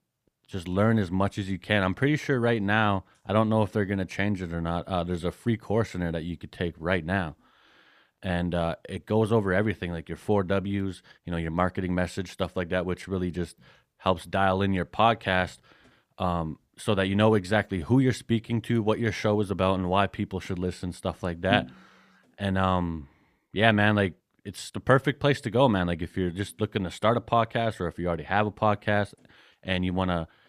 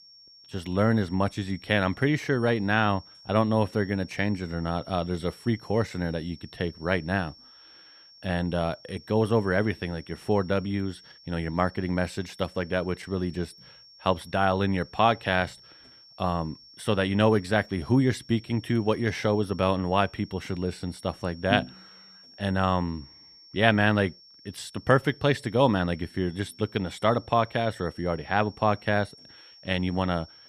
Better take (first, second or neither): first